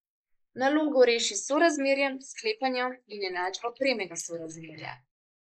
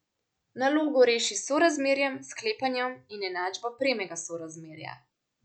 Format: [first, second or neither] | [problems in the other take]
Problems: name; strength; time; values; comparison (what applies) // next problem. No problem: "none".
second | noise reduction (neural mask model Resemble Enhance denoiser)